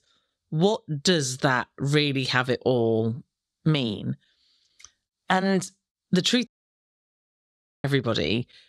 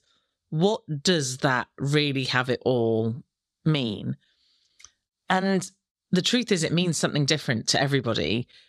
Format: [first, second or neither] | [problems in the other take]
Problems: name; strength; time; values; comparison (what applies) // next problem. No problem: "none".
second | audio cutting out; at 6.5 s for 1.5 s